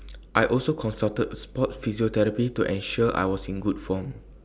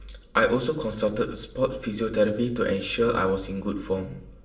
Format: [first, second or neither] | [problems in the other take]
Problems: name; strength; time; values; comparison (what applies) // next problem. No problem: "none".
first | room echo; dies away in 0.6 s